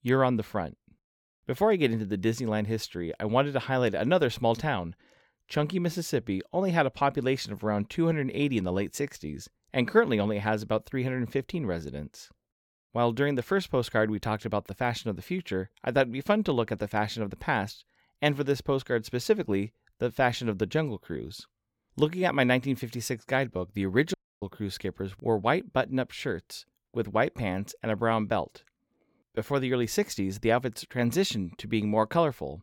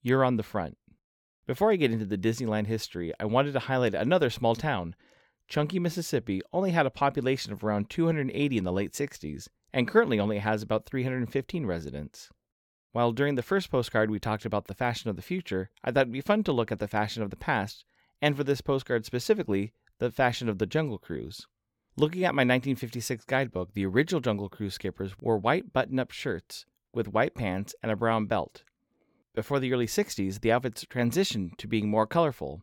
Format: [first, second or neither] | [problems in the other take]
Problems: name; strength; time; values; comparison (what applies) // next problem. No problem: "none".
second | audio cutting out; at 24 s